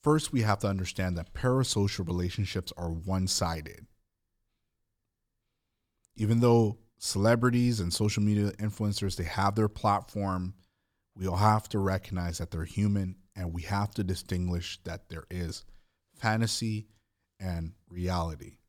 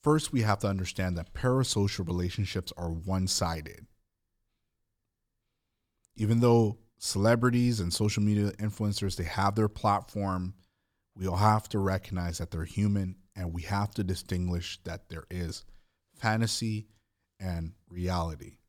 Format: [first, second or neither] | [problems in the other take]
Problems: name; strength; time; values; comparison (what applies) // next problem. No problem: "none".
neither | none